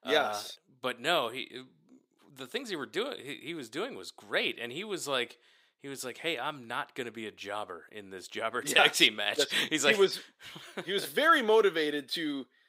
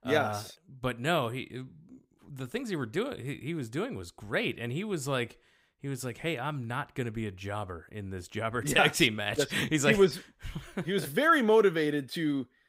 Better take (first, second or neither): second